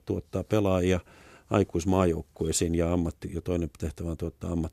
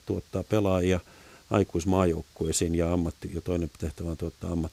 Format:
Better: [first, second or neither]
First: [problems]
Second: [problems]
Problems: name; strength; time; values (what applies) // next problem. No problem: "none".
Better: first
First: none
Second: hiss; faint; throughout; 30 dB below the speech